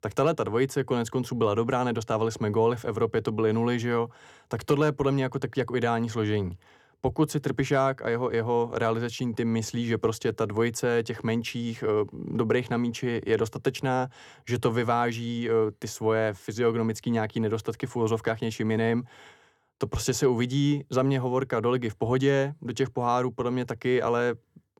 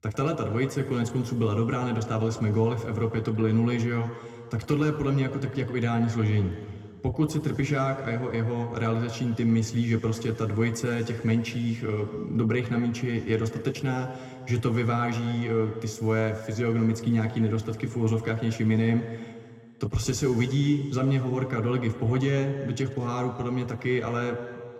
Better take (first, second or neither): first